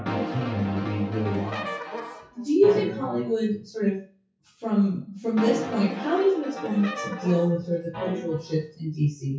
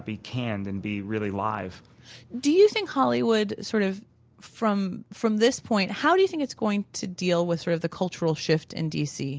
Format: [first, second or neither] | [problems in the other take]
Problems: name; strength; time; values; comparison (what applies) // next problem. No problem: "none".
second | noise reduction (classical method WPE with log-MMSE)